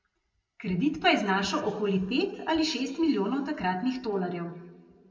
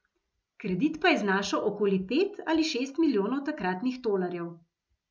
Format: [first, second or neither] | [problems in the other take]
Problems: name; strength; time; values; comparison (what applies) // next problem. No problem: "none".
second | room echo; dies away in 1.4 s